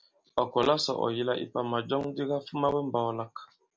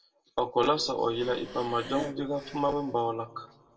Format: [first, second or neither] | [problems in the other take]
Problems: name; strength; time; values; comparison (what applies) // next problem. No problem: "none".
first | background sound (Breathing); 13 dB below the speech // room echo; dies away in 1.5 s